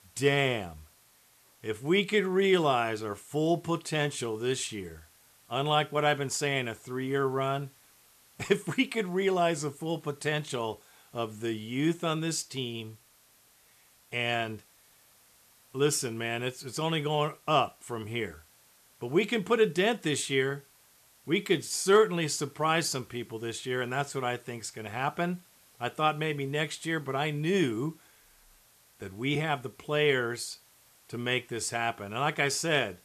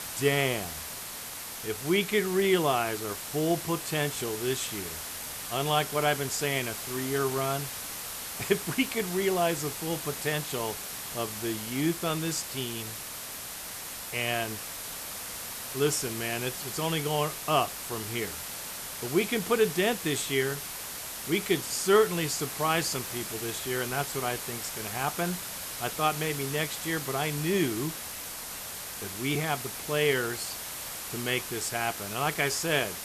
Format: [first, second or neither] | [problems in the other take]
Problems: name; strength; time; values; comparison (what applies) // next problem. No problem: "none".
first | hiss; loud; throughout; 6 dB below the speech; faint in the first